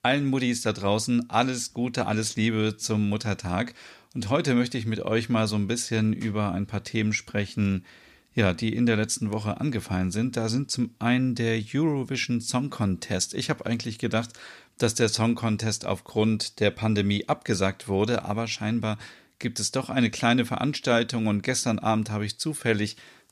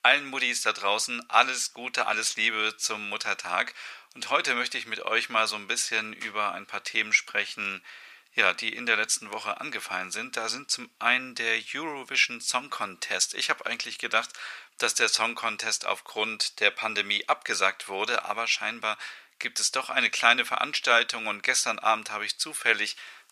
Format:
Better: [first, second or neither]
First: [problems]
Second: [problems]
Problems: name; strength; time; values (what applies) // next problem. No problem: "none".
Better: first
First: none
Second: thin; very; fading below 750 Hz